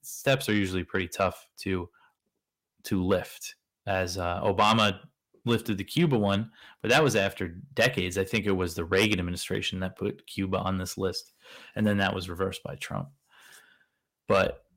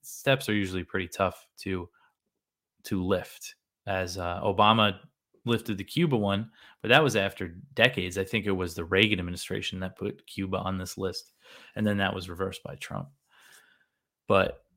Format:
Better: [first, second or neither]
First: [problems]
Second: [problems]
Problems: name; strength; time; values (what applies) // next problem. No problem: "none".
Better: second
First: distortion; slight; 10 dB below the speech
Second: none